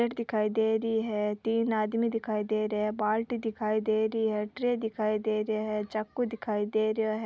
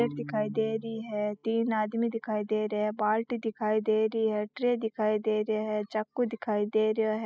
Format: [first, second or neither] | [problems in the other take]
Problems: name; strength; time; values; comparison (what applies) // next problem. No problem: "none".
first | noise reduction (classical method spectral subtraction)